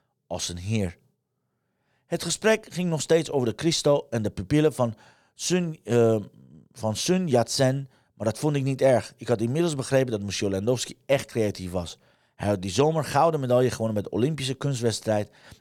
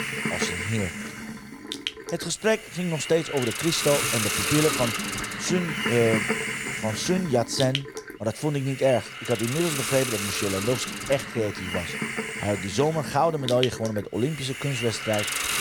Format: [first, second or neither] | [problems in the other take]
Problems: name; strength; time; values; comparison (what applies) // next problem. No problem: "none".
first | hiss; loud; throughout; 2 dB below the speech